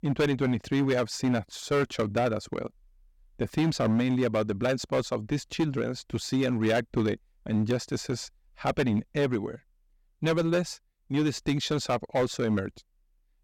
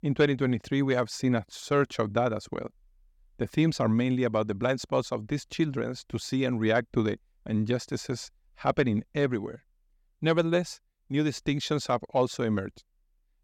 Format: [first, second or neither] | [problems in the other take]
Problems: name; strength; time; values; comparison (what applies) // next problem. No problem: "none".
second | distortion; slight; 7% of the sound clipped